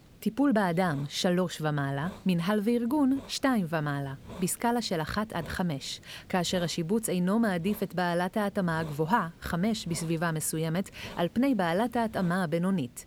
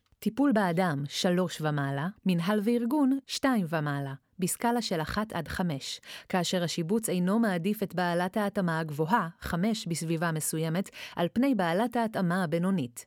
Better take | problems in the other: second | hiss; faint; throughout; 20 dB below the speech

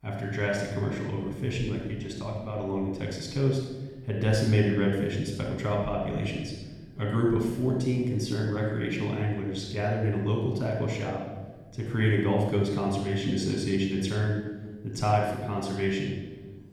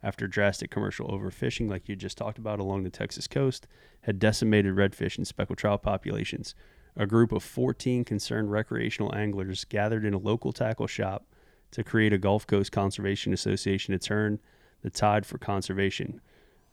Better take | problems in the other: second | off-mic speech; far // room echo; noticeable; dies away in 1.2 s

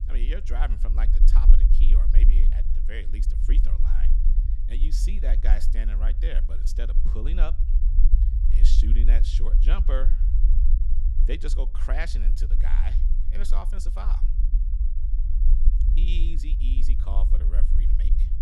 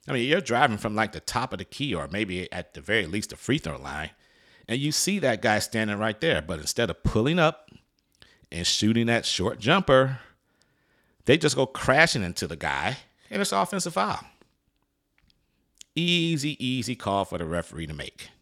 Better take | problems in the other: second | low rumble; loud; throughout; 7 dB below the speech

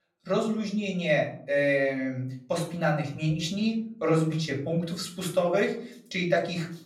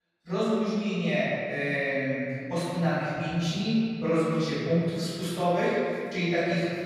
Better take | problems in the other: first | room echo; strong; dies away in 2.3 s; slight in the first // off-mic speech; far; far in the first

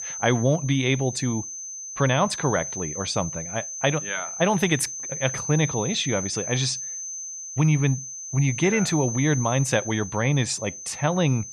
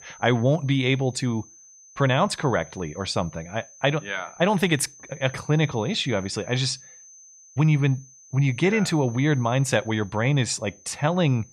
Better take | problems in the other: second | high-pitched whine; loud; throughout; 6 kHz, 7 dB below the speech; faint in the second

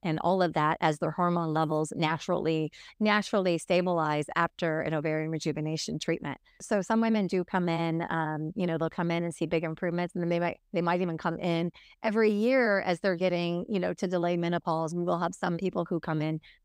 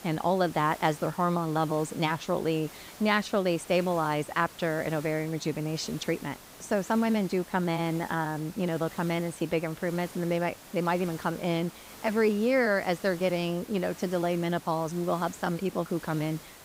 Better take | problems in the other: first | hiss; noticeable; throughout; 15 dB below the speech

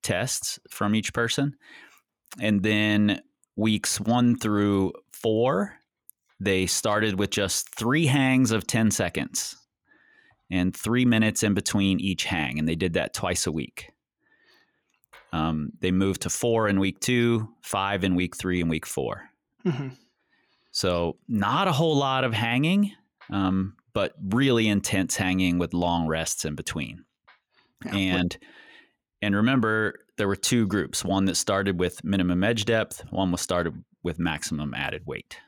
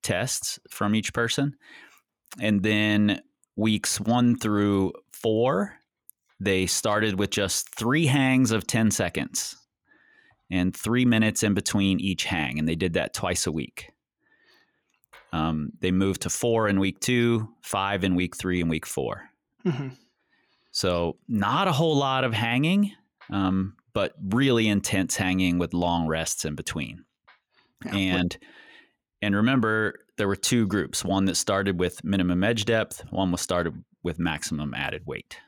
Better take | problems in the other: neither | none

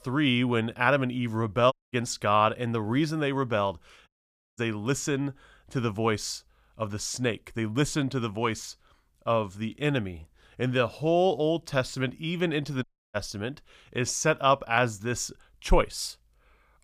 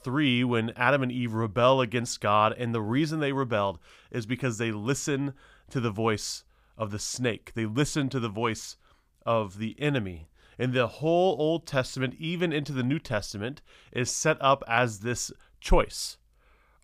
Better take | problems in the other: second | audio cutting out; at 1.5 s, at 4 s and at 13 s

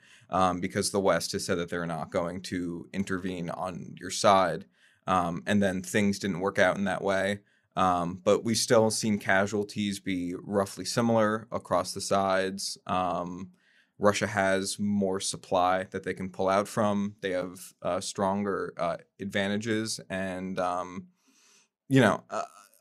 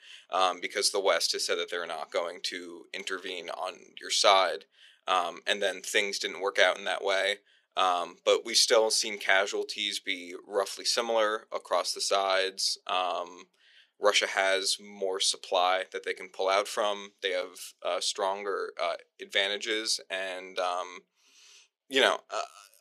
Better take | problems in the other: first | thin; very; fading below 400 Hz

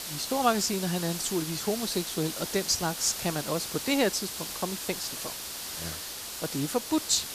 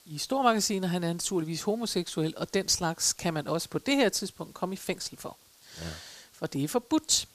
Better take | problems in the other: second | hiss; loud; throughout; 5 dB below the speech; faint in the second

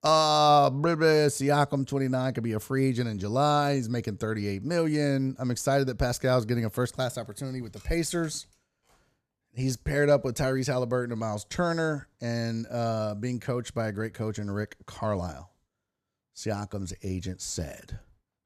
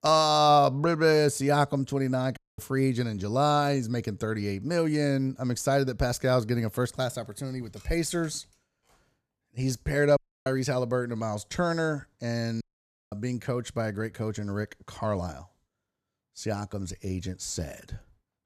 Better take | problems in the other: first | audio cutting out; at 2.5 s, at 10 s and at 13 s for 0.5 s

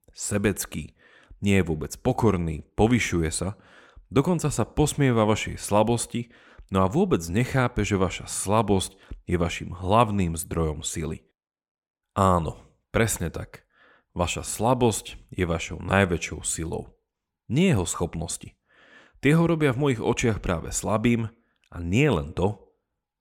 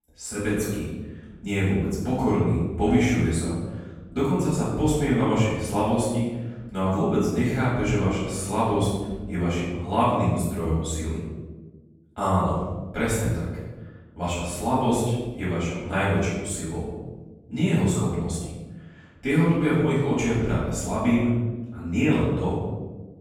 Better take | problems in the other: first | off-mic speech; far // room echo; strong; dies away in 1.2 s

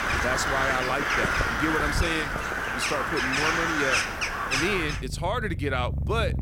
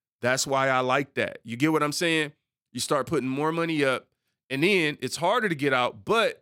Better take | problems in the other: second | animal sounds; very loud; throughout; 3 dB above the speech

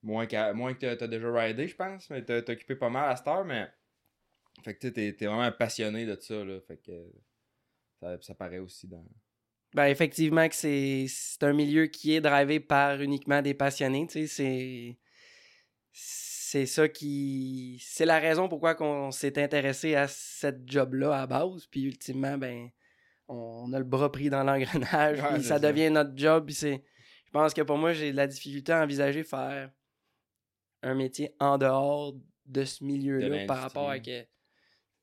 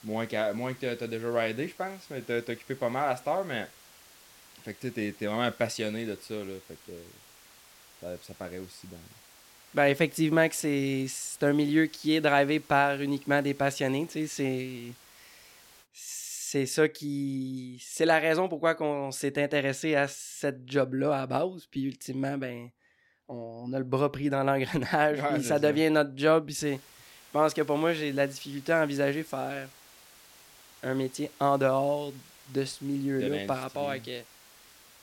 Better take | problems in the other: first | hiss; faint; until 16 s and from 27 s on; 25 dB below the speech

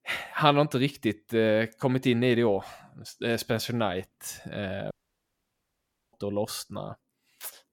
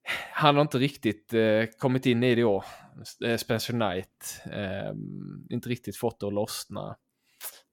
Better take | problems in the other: second | audio cutting out; at 5 s for 1 s

